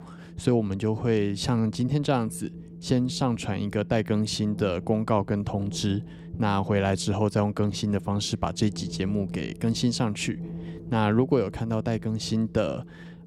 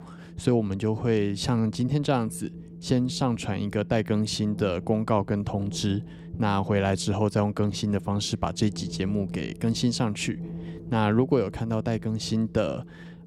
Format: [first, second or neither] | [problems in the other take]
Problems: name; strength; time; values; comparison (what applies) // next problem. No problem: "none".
neither | wind noise on the microphone; occasional gusts; 20 dB below the speech; the same in both